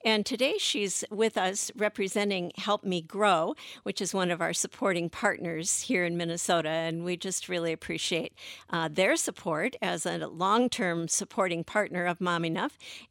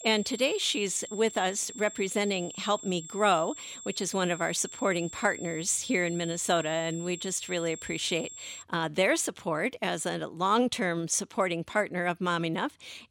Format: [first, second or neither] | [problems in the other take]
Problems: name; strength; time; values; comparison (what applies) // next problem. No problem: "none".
first | high-pitched whine; noticeable; until 8.5 s; 7.5 kHz, 15 dB below the speech